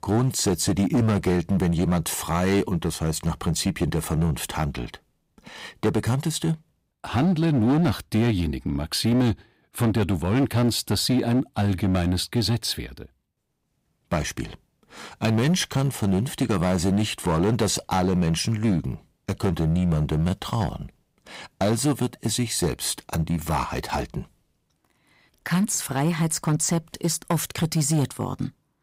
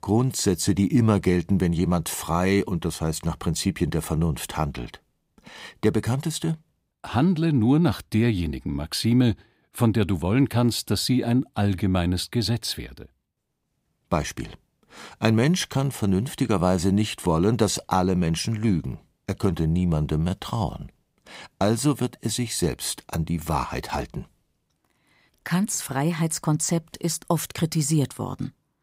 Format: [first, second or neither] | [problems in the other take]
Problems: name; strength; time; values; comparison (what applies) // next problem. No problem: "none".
second | distortion; slight; 8% of the sound clipped